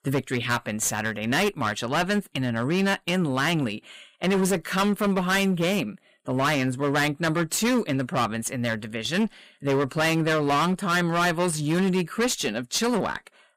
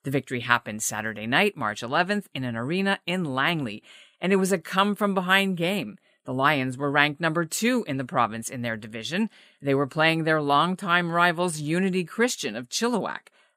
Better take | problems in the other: second | distortion; heavy; 16% of the sound clipped

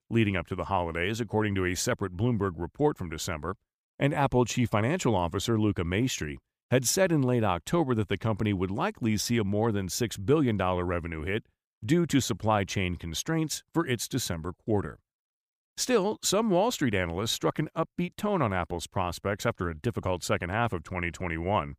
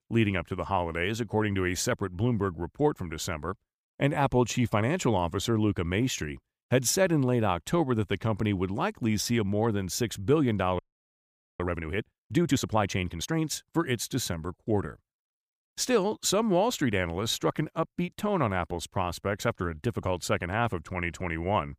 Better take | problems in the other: first | audio freezing; at 11 s for 1 s

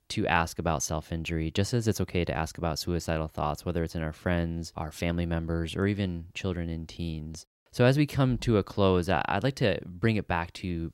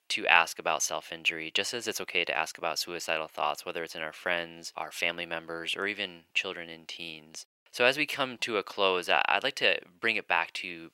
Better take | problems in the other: first | thin; very; fading below 600 Hz

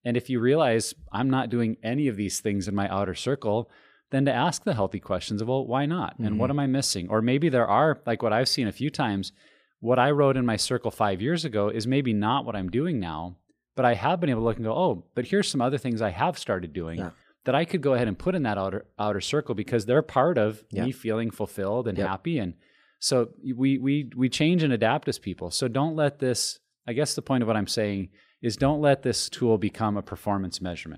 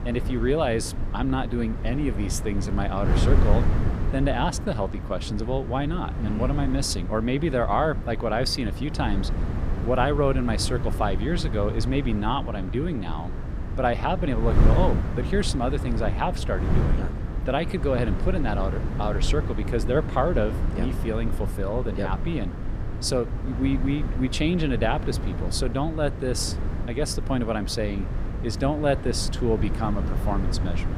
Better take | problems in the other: first | wind noise on the microphone; heavy; 10 dB below the speech

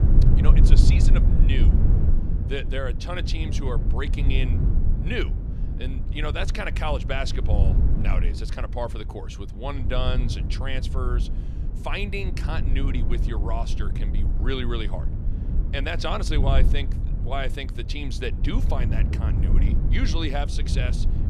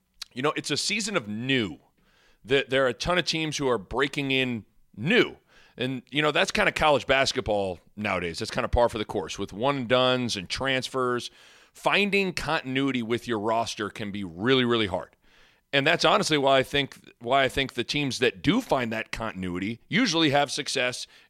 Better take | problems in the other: second | low rumble; loud; throughout; 7 dB below the speech

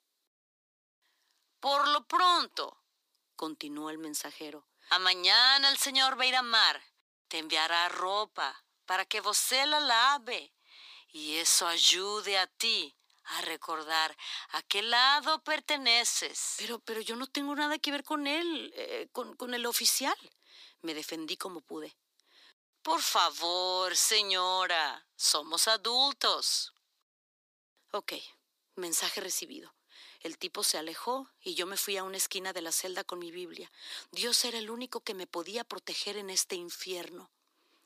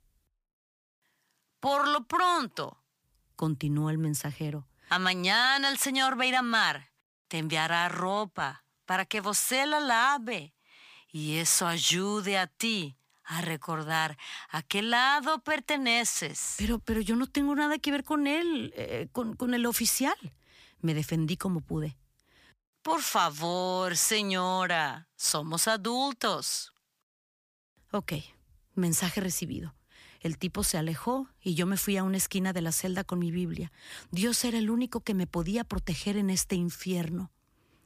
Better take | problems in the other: second | thin; somewhat; fading below 300 Hz

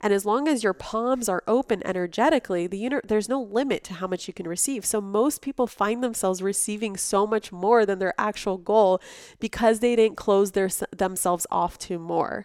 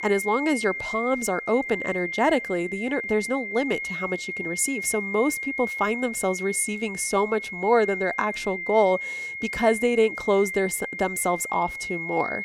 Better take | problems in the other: first | high-pitched whine; loud; throughout; 2 kHz, 6 dB below the speech

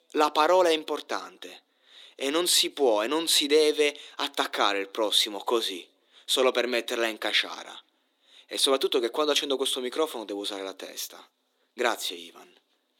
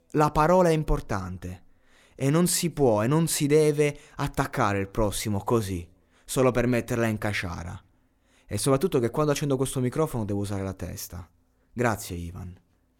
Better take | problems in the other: second | thin; somewhat; fading below 300 Hz

